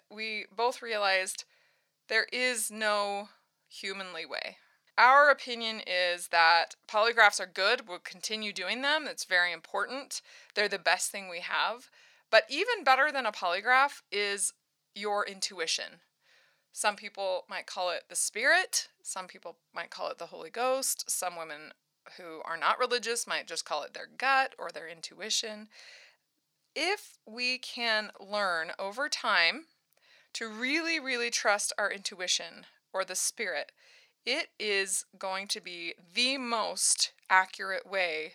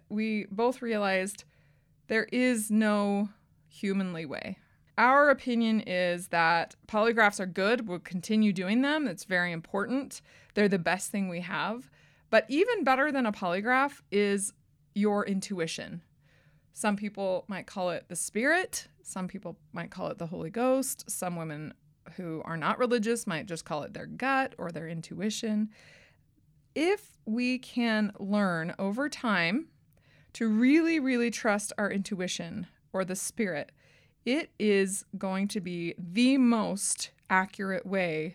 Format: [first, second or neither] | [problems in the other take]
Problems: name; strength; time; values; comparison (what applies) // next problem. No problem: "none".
second | thin; very; fading below 750 Hz